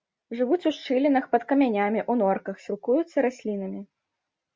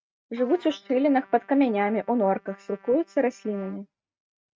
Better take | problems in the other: first | noise reduction (neural mask model RNNoise)

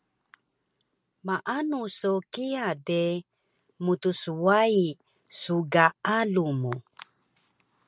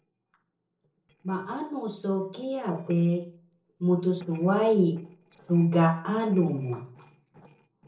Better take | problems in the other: first | noise reduction (neural separator model SepFormer DNS4)

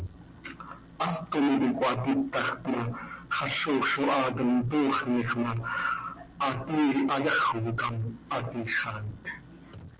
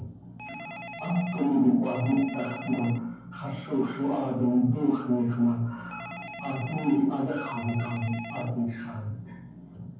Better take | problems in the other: first | background sound (Telephone); 16 dB below the speech // room echo; dies away in 0.9 s

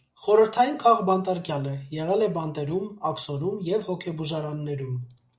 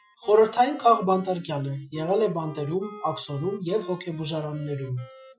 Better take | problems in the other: first | noise reduction (classical method Wiener filter)

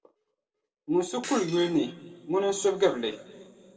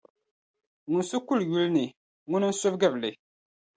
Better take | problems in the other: second | background sound (Shatter); 17 dB below the speech // room echo; dies away in 2.1 s

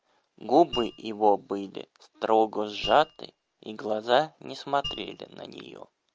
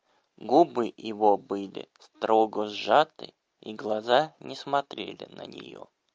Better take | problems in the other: second | background sound (Mallet percussion); 14 dB below the speech

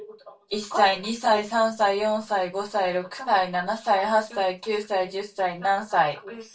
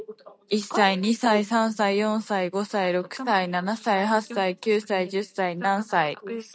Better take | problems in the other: second | room echo; dies away in 0.2 s

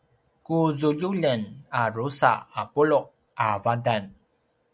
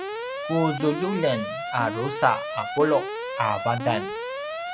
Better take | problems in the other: first | background sound (Alarm); 5 dB below the speech

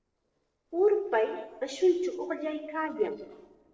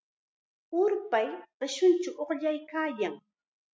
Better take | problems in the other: second | noise reduction (neural separator model SepFormer DNS4)

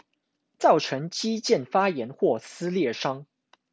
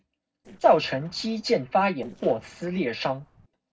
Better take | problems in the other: first | noise reduction (neural separator model SepFormer DNS4)

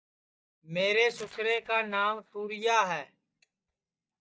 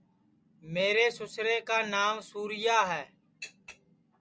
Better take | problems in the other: second | noise reduction (neural mask model DeepFilterNet 3)

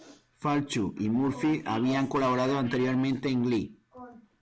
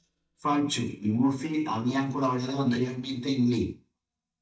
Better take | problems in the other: first | noise reduction (neural mask model DeepFilterNet 3)

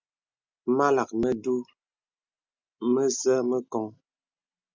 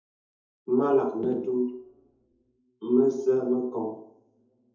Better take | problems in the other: first | room echo; dies away in 0.8 s

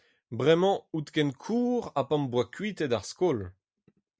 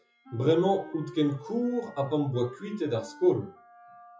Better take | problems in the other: first | noise reduction (classical method WPE with log-MMSE)

